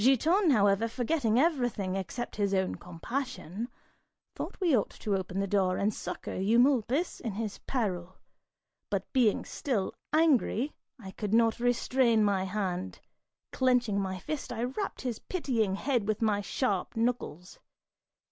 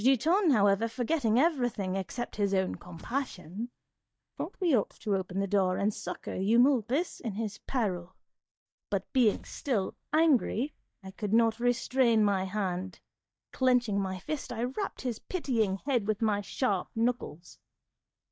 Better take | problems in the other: first | noise reduction (neural mask model DeepFilterNet 3)

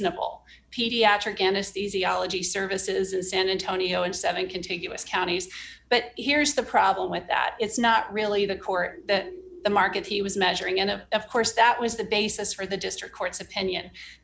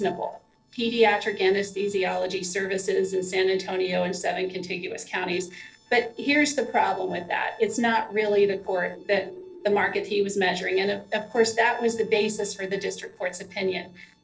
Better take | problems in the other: first | noise reduction (neural separator model SepFormer DNS4)

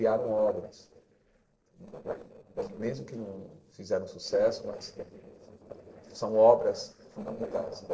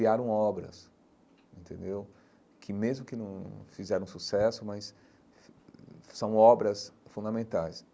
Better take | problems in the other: second | noise reduction (neural separator model SepFormer DNS4)

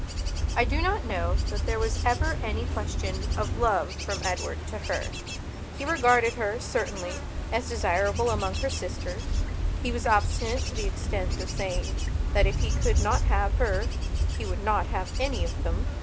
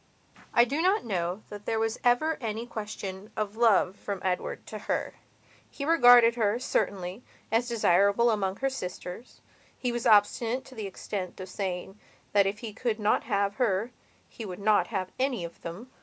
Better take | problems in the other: second | background sound (Wind / Bird / Insect); 2 dB above the speech

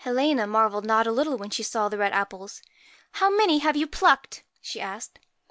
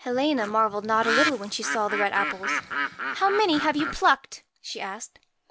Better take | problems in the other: first | background sound (Bird); 4 dB below the speech

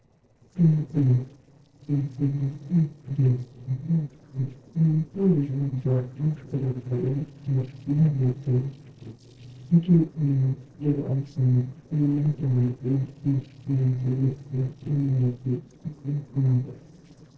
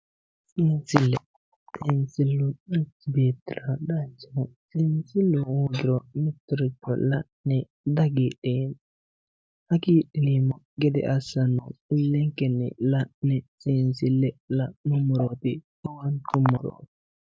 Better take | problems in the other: second | noise reduction (neural separator model SepFormer DNS4)

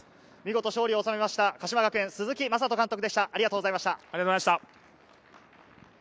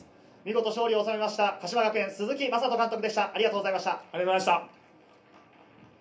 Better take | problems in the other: first | room echo; dies away in 0.3 s

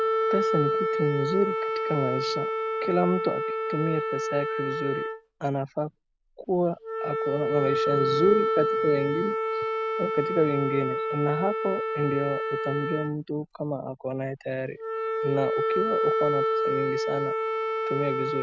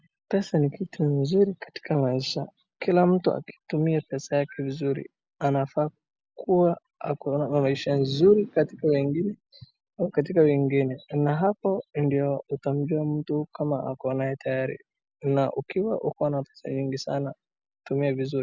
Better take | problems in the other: second | background sound (Wind instrument, woodwind instrument); 1 dB above the speech

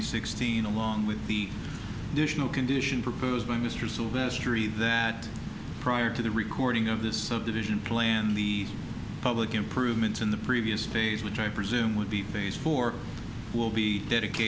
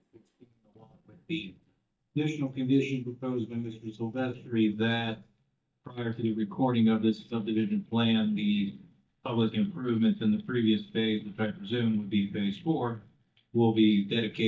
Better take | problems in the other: first | noise reduction (neural mask model DeepFilterNet 3)

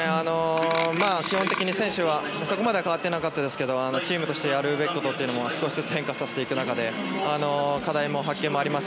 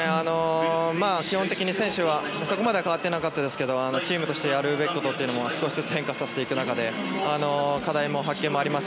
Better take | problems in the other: second | background sound (Clock); 6 dB below the speech

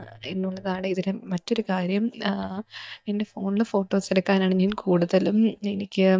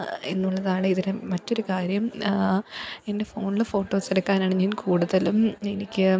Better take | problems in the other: second | noise reduction (neural mask model DeepFilterNet 3)

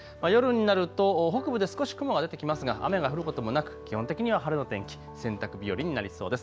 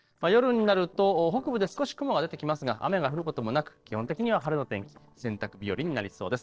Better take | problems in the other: first | noise reduction (neural separator model SepFormer DNS4)

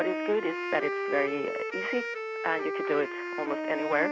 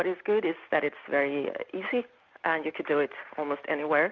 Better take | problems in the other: second | background sound (Wind instrument, woodwind instrument); 2 dB below the speech

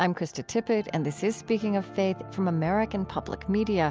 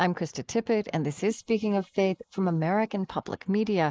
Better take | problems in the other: first | noise reduction (neural mask model Resemble Enhance denoiser)

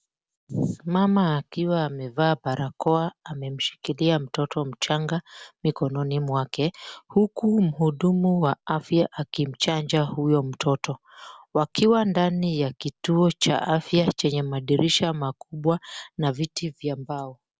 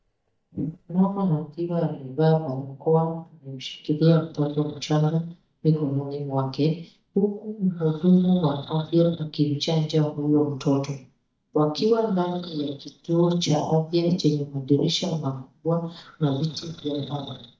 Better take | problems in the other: first | noise reduction (neural mask model DeepFilterNet 3)

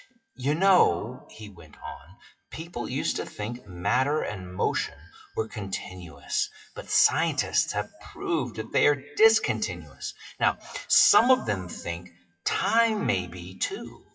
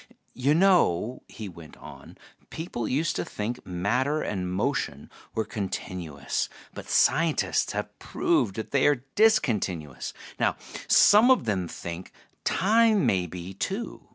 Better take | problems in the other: second | noise reduction (classical method WPE with log-MMSE)

